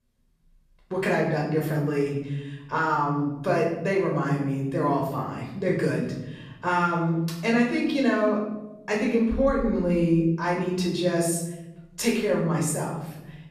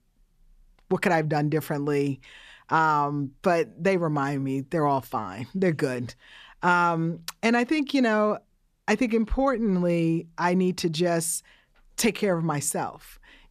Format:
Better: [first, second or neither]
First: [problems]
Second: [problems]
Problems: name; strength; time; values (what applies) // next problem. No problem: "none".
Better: second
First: off-mic speech; far // room echo; noticeable; dies away in 1.1 s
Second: none